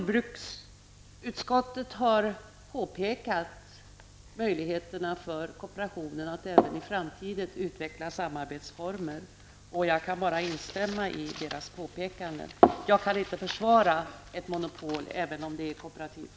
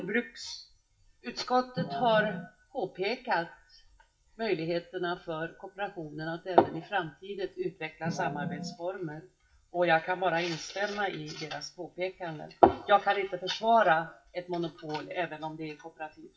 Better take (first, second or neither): first